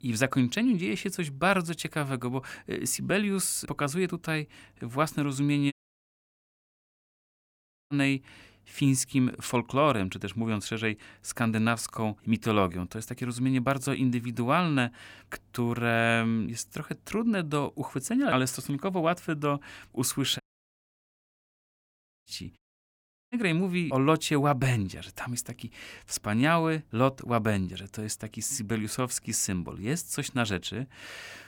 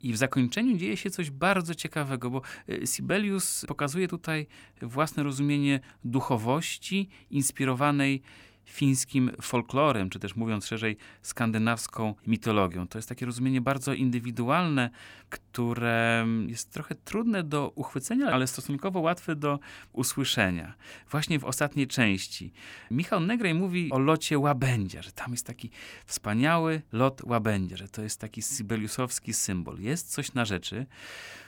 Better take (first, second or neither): second